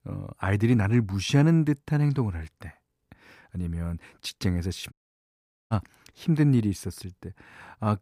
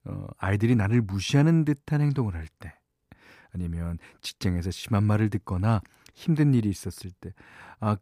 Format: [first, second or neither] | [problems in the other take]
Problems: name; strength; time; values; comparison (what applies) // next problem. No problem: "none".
second | audio cutting out; at 5 s for 1 s